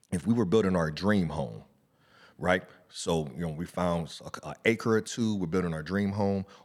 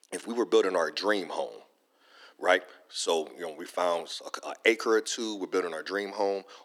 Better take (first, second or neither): first